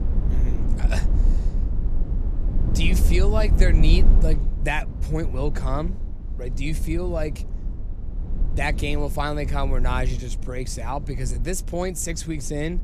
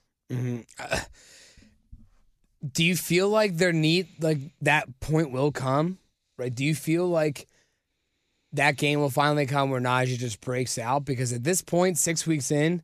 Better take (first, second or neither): second